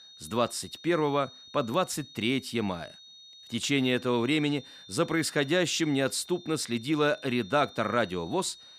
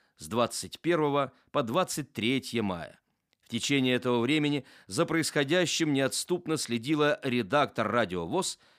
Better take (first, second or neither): second